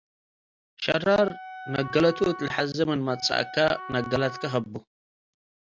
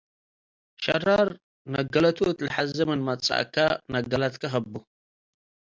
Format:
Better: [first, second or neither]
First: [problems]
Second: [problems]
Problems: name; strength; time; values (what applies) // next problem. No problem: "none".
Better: second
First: background sound (Wind instrument, woodwind instrument); 13 dB below the speech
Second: none